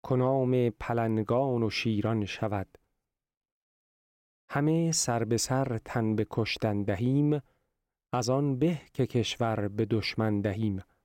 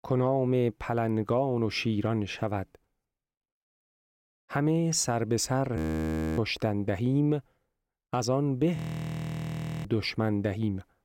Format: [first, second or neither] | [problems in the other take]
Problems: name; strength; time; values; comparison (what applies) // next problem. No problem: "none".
first | audio freezing; at 6 s for 0.5 s and at 9 s for 1 s